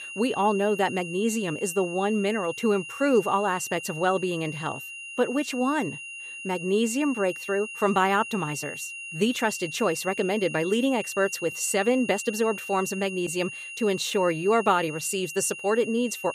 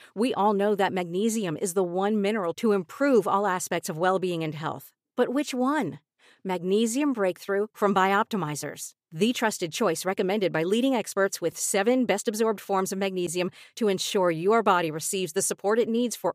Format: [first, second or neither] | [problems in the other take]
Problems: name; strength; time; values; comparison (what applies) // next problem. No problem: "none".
second | high-pitched whine; loud; throughout; 3 kHz, 10 dB below the speech